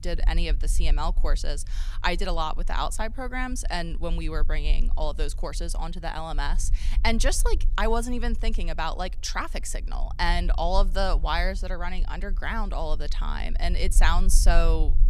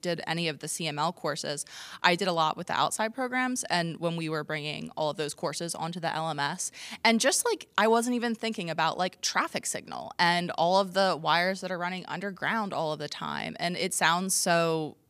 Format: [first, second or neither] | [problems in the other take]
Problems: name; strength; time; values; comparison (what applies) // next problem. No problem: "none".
second | low rumble; faint; throughout; 25 dB below the speech